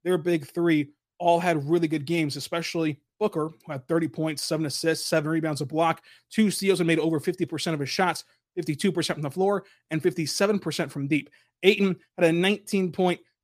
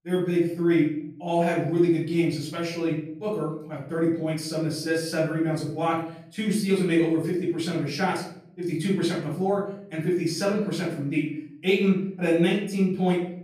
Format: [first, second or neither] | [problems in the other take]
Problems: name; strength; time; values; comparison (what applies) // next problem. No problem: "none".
first | off-mic speech; far // room echo; noticeable; dies away in 0.6 s